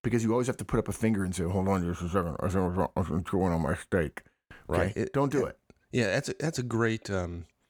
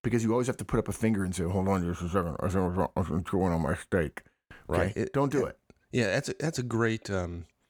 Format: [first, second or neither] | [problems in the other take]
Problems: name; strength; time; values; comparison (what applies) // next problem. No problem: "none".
neither | none